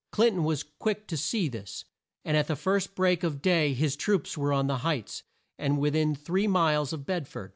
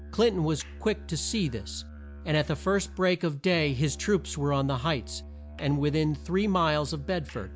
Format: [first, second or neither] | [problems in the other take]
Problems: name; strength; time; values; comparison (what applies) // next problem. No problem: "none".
first | background sound (Musical instrument); 14 dB below the speech